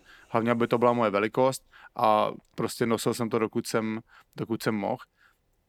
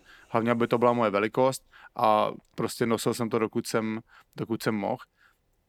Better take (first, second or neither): neither